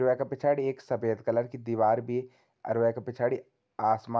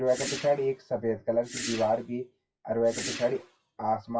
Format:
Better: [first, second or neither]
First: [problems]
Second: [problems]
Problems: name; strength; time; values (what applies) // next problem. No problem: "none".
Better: first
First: none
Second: noise reduction (classical method WPE with log-MMSE)